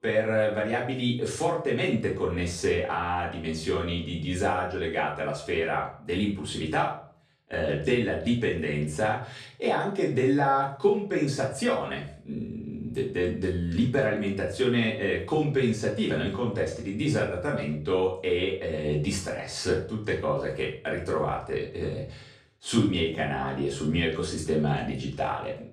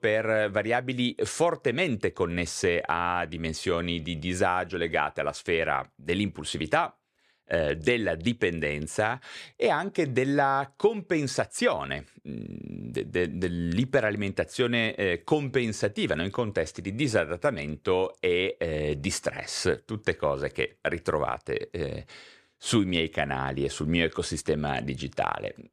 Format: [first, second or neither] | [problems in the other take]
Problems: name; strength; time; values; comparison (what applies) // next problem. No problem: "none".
second | room echo; slight; dies away in 0.4 s // off-mic speech; far